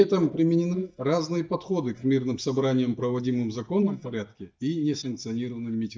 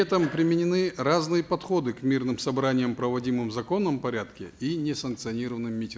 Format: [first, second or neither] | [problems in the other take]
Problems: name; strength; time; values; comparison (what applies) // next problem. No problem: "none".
second | noise reduction (neural mask model DeepFilterNet 3)